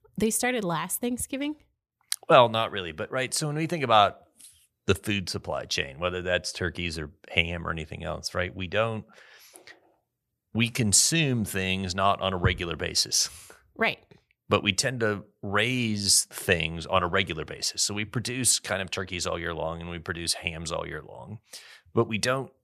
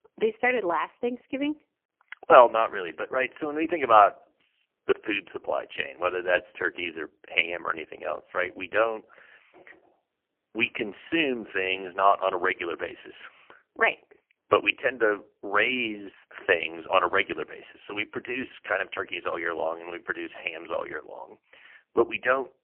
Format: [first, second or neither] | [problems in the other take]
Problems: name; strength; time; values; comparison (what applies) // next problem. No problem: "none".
first | phone-call audio; poor line; nothing above 3 kHz